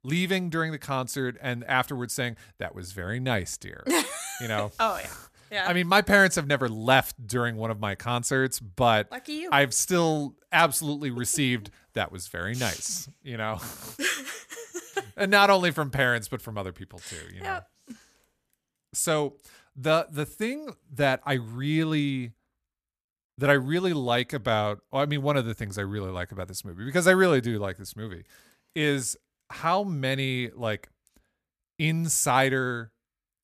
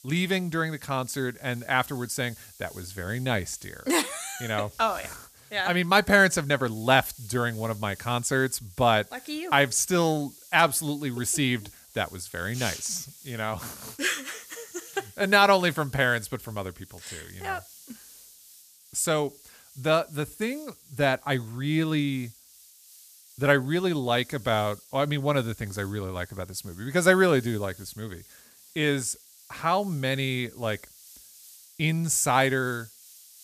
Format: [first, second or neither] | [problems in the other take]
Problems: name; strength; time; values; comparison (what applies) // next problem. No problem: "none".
first | hiss; faint; throughout; 20 dB below the speech